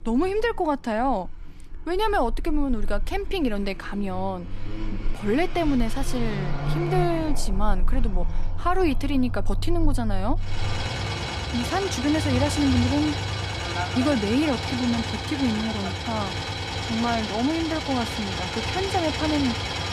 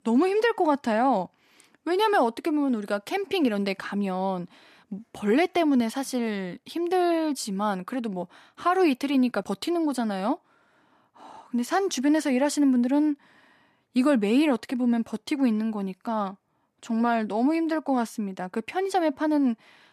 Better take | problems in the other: second | traffic noise; loud; throughout; 3 dB below the speech

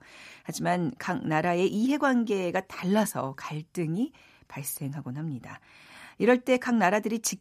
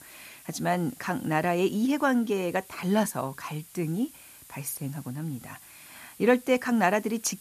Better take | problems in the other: first | hiss; faint; throughout; 20 dB below the speech

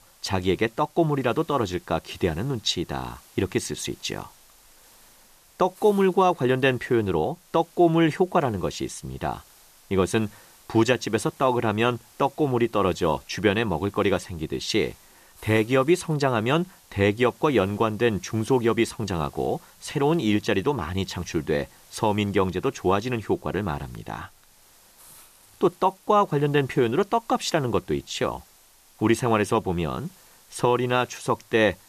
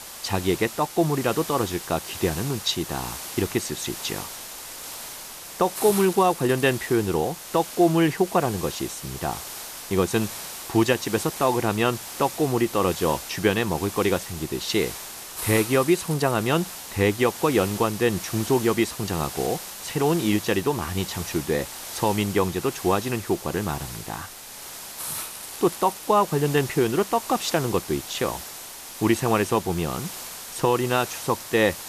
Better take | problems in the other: first | hiss; loud; throughout; 10 dB below the speech; faint in the first

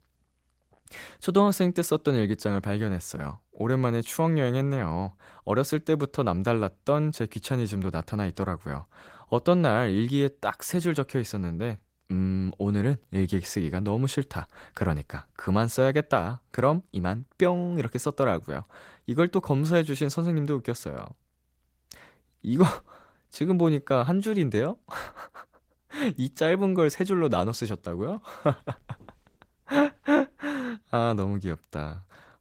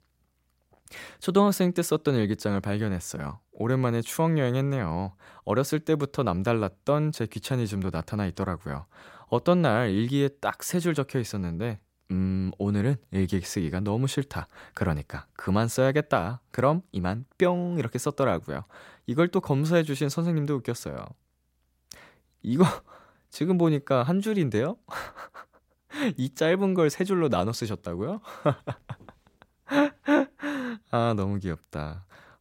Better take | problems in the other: second | garbled, watery; slightly; nothing above 16 kHz

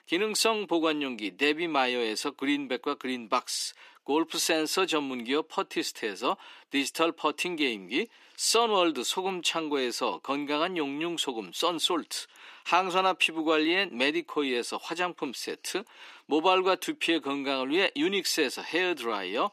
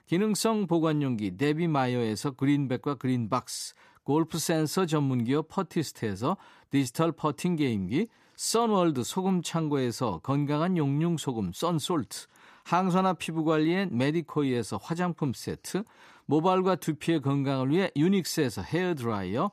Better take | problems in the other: second | thin; somewhat; fading below 300 Hz

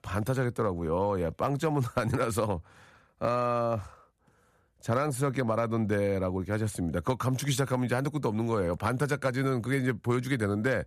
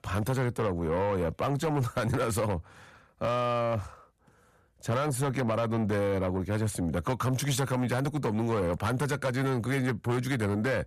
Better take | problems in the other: first | distortion; slight; 10 dB below the speech

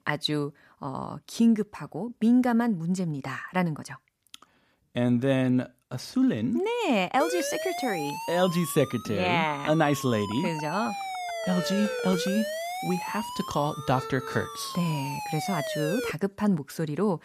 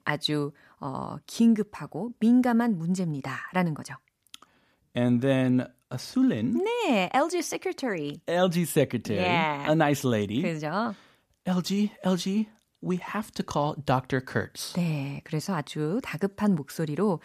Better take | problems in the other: second | siren; noticeable; from 7 to 16 s; peak 3 dB below the speech

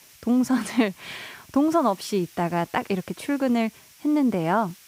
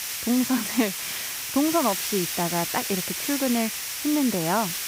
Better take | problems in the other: first | hiss; loud; throughout; 2 dB below the speech; faint in the first

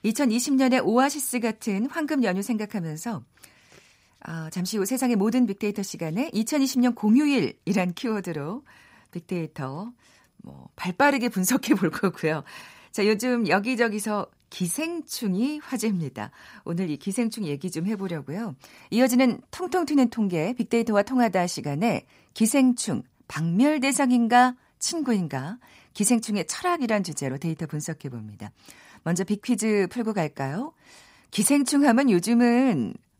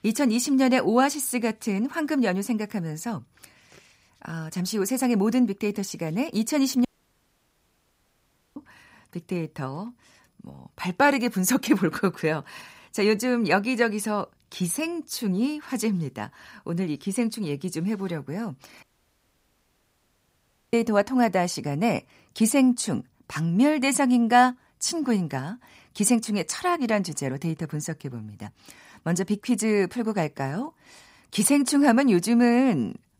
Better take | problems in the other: first | audio cutting out; at 7 s for 1.5 s and at 19 s for 2 s

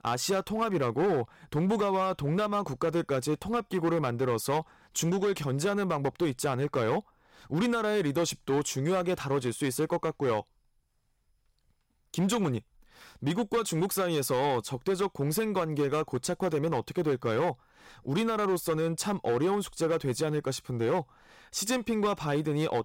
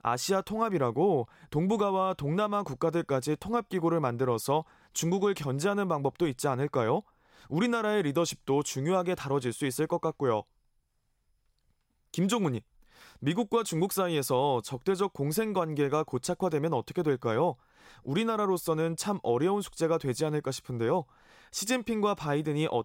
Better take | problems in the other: second | distortion; slight; 8% of the sound clipped

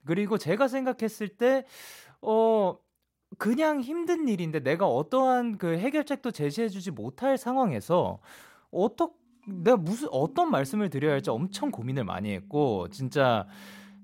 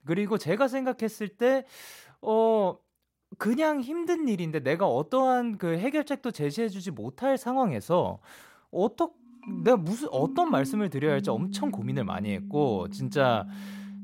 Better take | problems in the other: first | background music; loud; from 9.5 s on; 9 dB below the speech; faint in the first

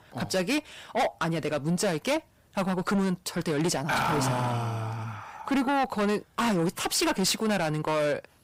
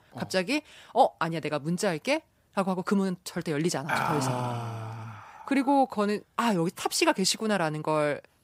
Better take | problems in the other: second | distortion; heavy; 6 dB below the speech

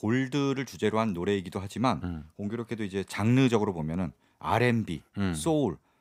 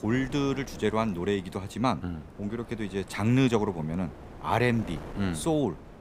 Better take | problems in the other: first | wind noise on the microphone; occasional gusts; 15 dB below the speech

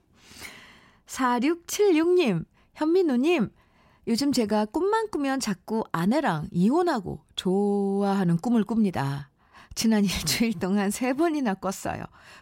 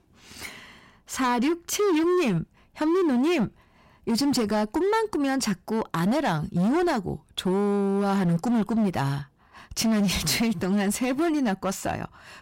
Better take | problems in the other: first | distortion; slight; 18% of the sound clipped

